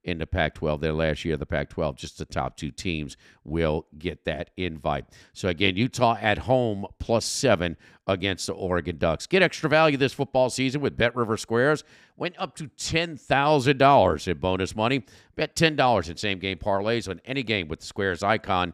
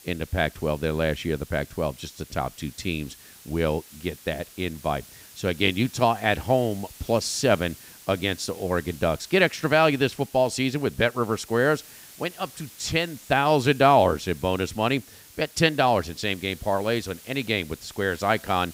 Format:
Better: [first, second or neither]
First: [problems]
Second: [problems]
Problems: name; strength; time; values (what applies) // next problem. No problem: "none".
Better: first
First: none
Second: hiss; faint; throughout; 20 dB below the speech